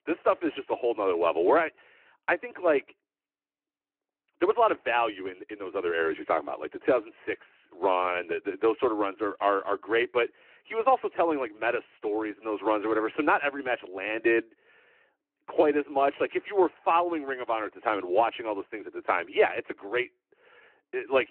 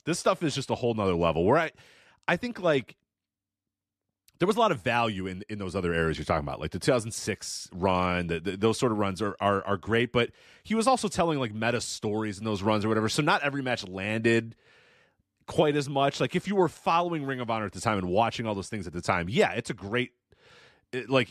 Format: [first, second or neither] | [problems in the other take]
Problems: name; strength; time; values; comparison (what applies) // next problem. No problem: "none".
second | phone-call audio